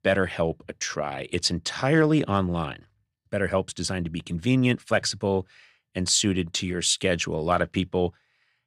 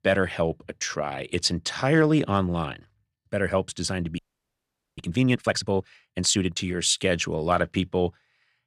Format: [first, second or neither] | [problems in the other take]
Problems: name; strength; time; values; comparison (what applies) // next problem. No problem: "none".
first | audio freezing; at 4 s for 1 s